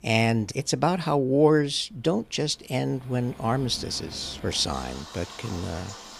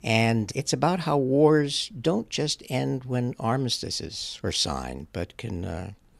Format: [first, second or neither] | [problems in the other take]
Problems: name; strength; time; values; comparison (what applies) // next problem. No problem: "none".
second | rain or running water; noticeable; throughout; 15 dB below the speech